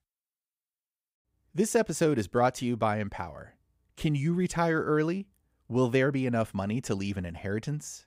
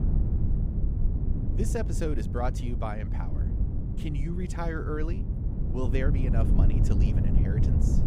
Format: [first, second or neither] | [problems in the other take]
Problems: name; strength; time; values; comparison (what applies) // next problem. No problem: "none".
first | low rumble; loud; throughout; 4 dB below the speech